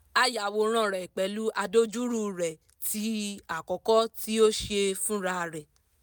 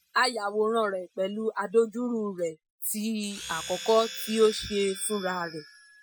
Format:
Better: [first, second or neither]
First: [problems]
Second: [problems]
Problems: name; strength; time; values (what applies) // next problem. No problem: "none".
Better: first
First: none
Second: noise reduction (classical method Wiener filter)